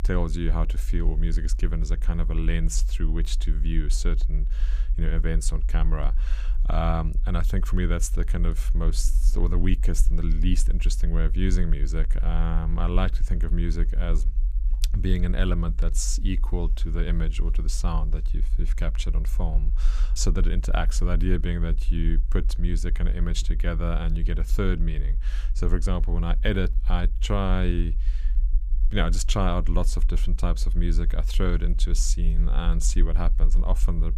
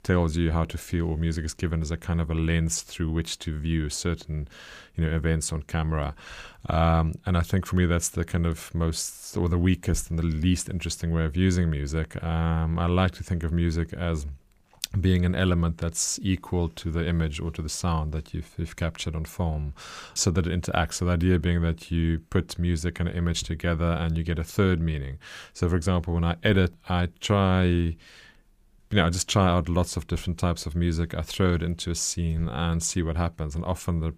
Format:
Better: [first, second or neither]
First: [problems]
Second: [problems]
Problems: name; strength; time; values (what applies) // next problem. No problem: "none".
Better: second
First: low rumble; noticeable; throughout; 20 dB below the speech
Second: none